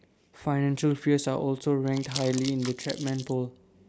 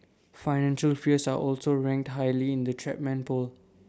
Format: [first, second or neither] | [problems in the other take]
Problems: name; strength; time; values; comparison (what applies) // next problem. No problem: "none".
second | background sound (Crumpling, crinkling); 12 dB below the speech